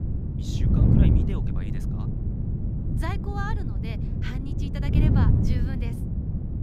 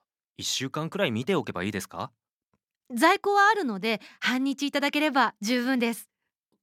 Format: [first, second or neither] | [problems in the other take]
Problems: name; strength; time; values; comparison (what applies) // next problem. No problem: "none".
second | wind noise on the microphone; heavy; 3 dB above the speech